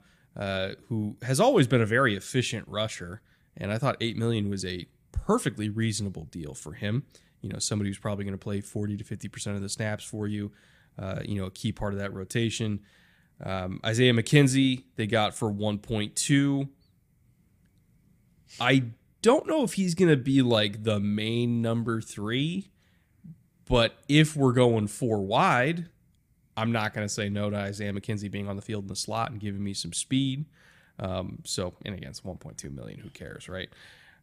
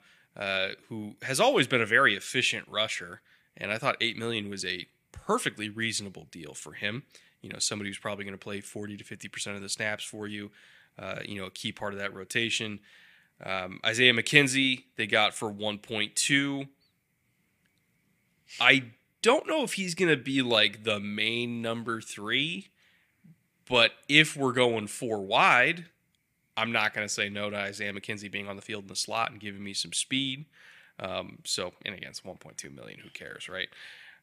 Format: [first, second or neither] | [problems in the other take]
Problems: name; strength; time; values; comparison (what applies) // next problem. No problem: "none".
first | thin; somewhat; fading below 900 Hz